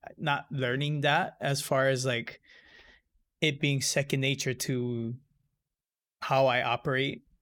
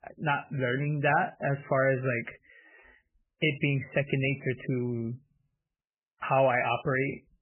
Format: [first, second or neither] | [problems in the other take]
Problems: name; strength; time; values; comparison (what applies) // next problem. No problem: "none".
first | garbled, watery; badly; nothing above 3 kHz